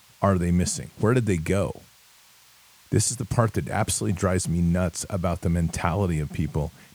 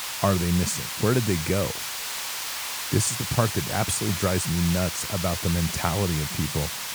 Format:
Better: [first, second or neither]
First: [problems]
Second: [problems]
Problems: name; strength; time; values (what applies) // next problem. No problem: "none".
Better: first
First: hiss; faint; throughout; 25 dB below the speech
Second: hiss; loud; throughout; 3 dB below the speech